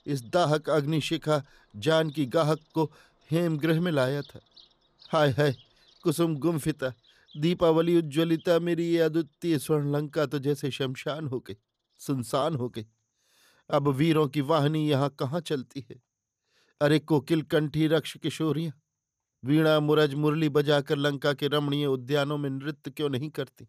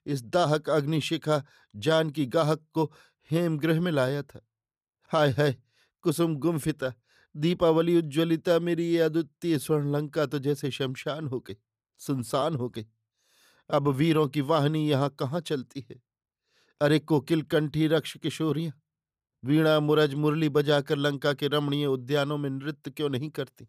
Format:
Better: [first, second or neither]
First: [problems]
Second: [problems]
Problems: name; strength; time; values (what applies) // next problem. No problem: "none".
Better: second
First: animal sounds; faint; throughout; 30 dB below the speech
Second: none